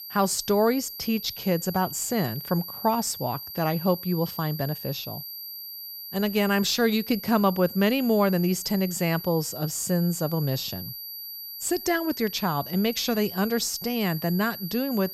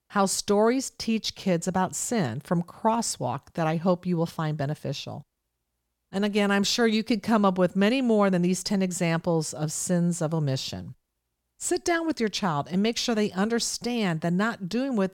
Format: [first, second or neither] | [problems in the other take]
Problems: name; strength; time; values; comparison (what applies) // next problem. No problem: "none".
second | high-pitched whine; loud; throughout; 12 kHz, 10 dB below the speech